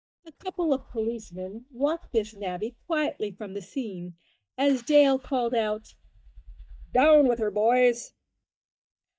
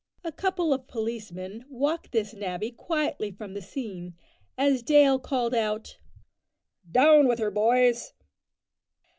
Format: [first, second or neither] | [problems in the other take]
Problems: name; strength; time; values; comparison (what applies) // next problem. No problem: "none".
second | noise reduction (neural mask model DeepFilterNet 3)